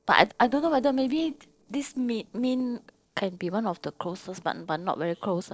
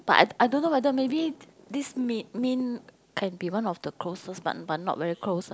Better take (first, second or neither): second